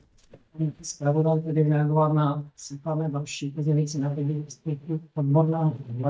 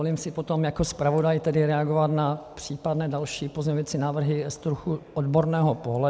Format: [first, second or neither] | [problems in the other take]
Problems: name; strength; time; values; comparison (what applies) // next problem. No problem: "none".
second | noise reduction (neural mask model DeepFilterNet 3)